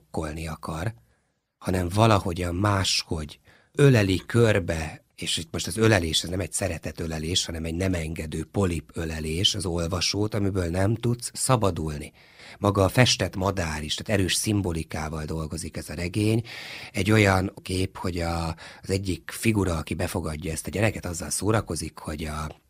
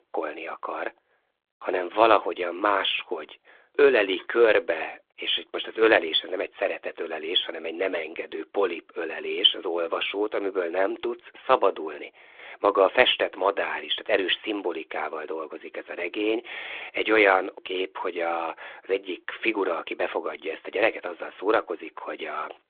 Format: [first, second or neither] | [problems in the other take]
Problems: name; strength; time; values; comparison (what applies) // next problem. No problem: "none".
first | phone-call audio; nothing above 3.5 kHz